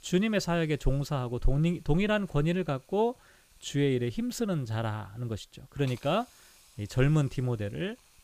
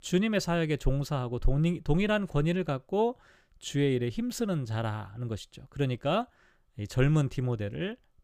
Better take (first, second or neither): second